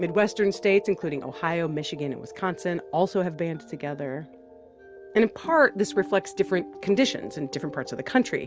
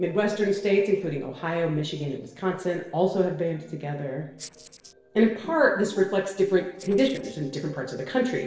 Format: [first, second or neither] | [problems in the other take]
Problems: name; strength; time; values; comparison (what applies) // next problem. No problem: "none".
first | noise reduction (neural separator model SepFormer DNS4)